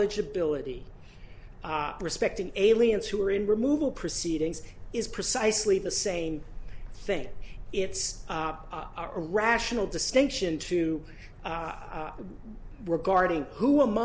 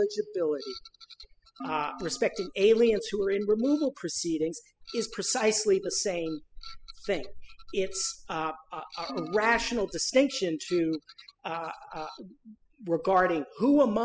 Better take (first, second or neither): first